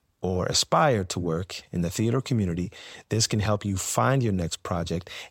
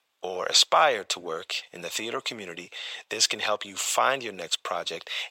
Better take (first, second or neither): first